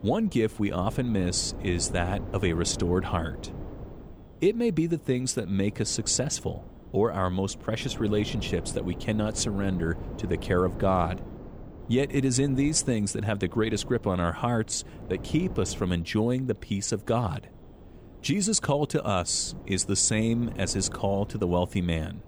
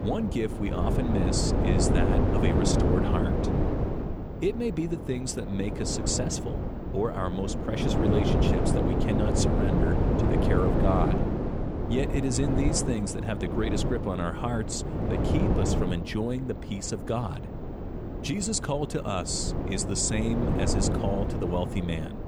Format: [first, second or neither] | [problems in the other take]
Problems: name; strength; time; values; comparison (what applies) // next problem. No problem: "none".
first | wind noise on the microphone; heavy; as loud as the speech; occasional gusts in the first